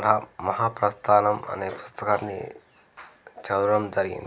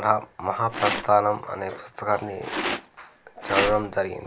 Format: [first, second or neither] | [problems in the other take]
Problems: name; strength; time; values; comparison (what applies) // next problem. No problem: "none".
first | background sound (Rattle); 7 dB below the speech